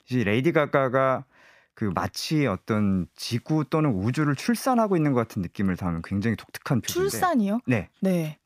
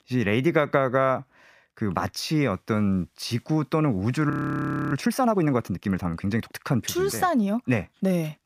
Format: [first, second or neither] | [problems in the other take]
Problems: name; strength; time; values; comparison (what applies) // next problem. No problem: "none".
first | audio freezing; at 4.5 s for 0.5 s